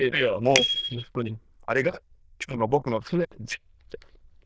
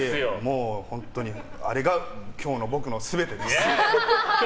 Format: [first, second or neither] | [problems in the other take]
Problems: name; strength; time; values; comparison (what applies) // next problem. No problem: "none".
second | noise reduction (neural diffusion model UNIVERSE++)